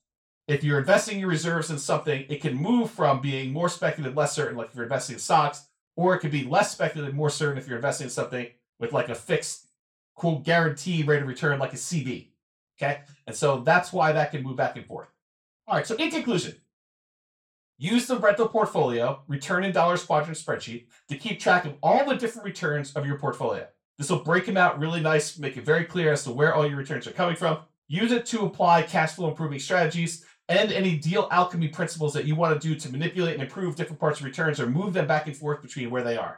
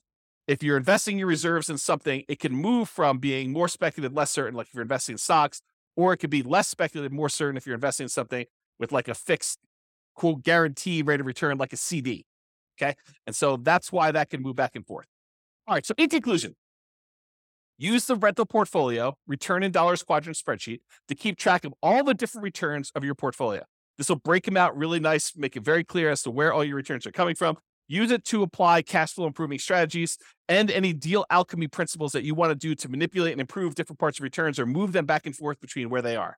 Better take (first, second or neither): second